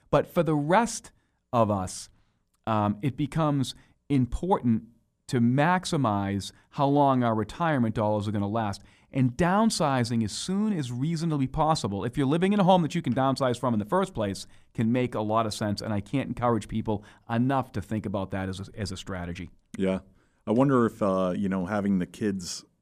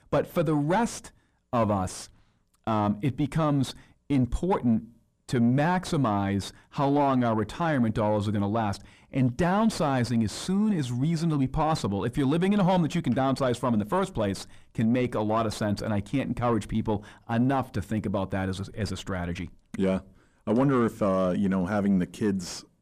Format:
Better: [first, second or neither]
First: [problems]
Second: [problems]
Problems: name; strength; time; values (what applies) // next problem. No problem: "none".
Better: first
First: none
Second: distortion; slight; 10 dB below the speech